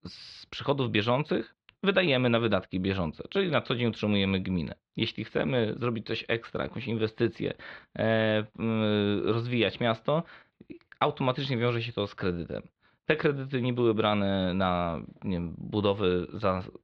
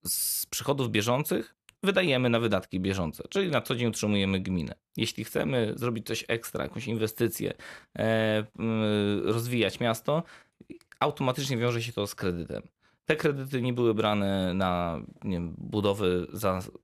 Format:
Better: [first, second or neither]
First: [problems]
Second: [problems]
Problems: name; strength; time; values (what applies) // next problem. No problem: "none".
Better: second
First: muffled; slightly; fading above 4 kHz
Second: none